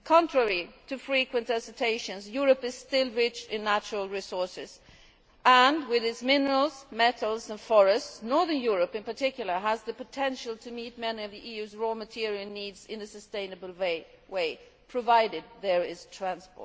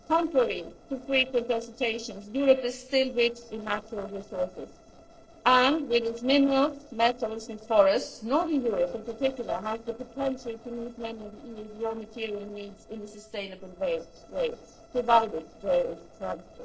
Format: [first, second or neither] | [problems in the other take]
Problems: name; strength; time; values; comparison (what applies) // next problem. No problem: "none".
first | noise reduction (neural separator model SepFormer DNS4)